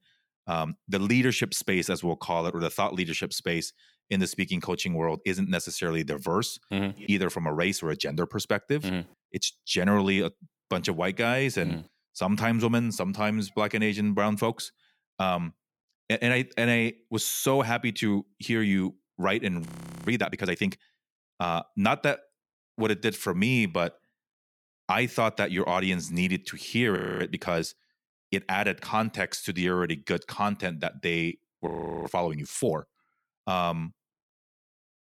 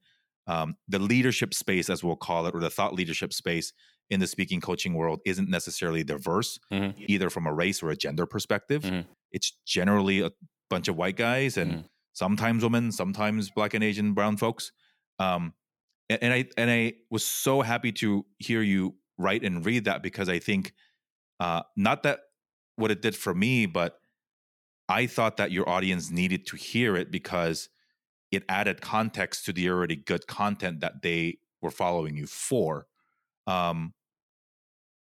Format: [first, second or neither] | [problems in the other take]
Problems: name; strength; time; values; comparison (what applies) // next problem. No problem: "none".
second | audio freezing; at 20 s, at 27 s and at 32 s